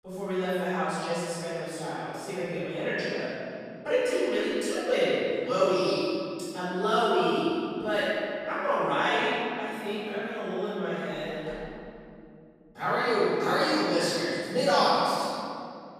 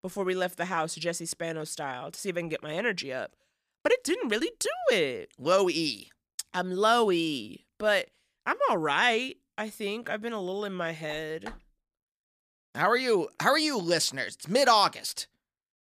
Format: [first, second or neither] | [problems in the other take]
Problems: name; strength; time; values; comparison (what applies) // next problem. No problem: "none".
second | room echo; strong; dies away in 2.6 s // off-mic speech; far